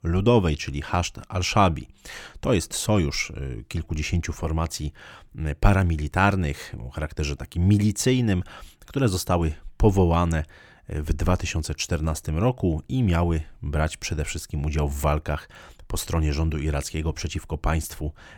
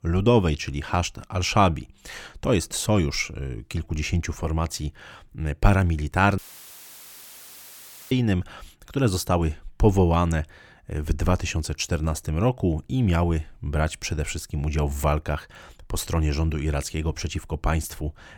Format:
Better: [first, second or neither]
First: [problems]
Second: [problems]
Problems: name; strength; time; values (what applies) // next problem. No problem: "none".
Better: first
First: none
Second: audio cutting out; filled with static; at 6.5 s for 1.5 s